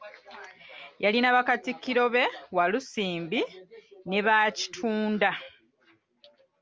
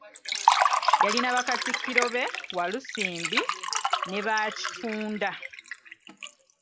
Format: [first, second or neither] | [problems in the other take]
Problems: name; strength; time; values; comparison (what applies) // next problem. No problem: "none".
first | background sound (Liquid); 3 dB above the speech